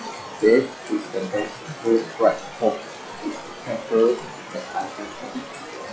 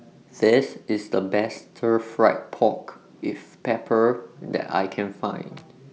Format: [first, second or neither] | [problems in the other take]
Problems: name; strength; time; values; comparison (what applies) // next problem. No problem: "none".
second | noise reduction (classical method log-MMSE)